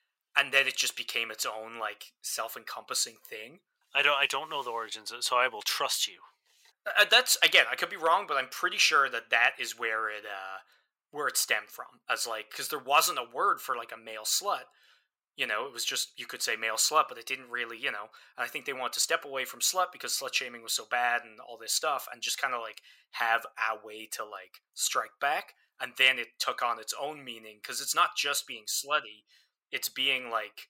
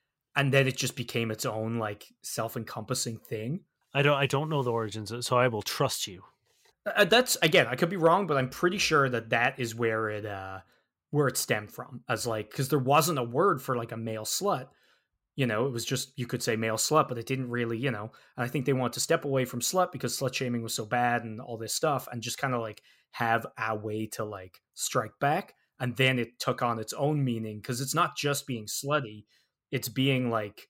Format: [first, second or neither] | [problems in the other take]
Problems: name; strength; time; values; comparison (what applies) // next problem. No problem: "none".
second | thin; very; fading below 850 Hz